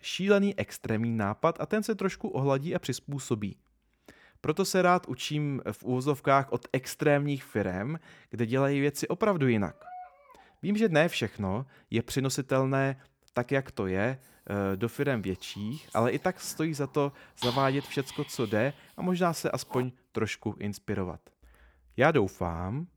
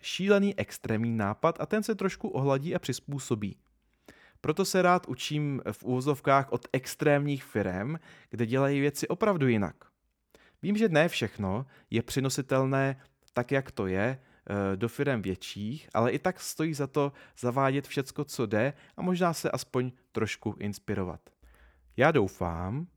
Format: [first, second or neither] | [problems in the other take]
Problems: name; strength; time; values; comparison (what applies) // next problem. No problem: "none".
second | dog barking; faint; at 9.5 s; peak 15 dB below the speech // dog barking; noticeable; from 16 to 20 s; peak 5 dB below the speech